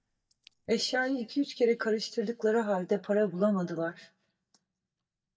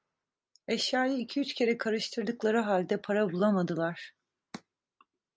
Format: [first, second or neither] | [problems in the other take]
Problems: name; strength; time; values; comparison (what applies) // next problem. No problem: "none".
second | noise reduction (neural mask model DeepFilterNet 3)